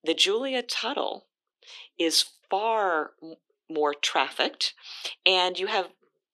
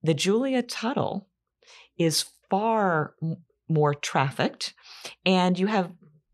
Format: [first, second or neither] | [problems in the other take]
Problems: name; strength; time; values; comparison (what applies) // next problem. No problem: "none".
second | thin; very; fading below 300 Hz